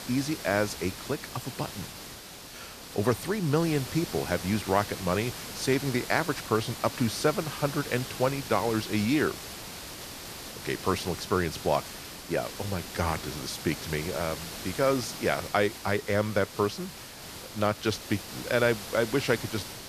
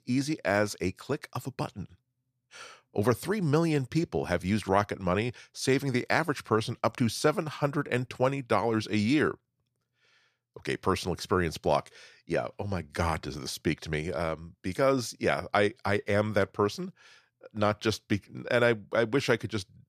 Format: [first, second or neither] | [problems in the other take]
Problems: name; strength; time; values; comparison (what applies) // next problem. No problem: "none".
second | hiss; loud; throughout; 9 dB below the speech